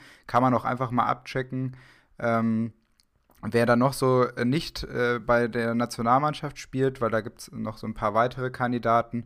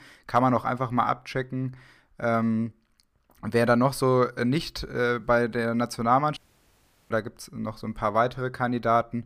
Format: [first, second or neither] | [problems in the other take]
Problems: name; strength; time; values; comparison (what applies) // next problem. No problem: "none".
first | audio cutting out; at 6.5 s for 0.5 s